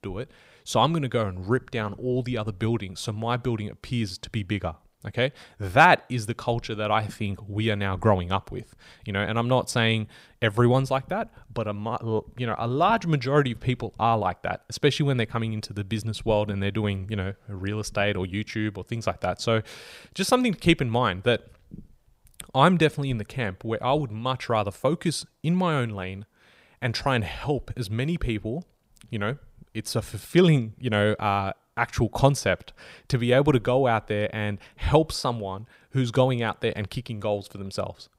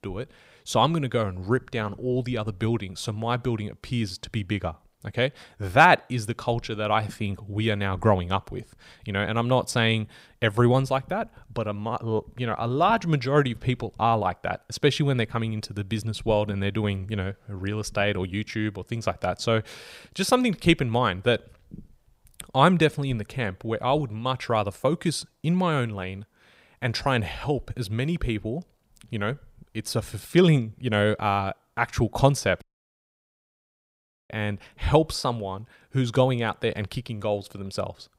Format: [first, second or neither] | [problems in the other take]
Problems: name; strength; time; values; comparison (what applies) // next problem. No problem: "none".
first | audio cutting out; at 33 s for 1.5 s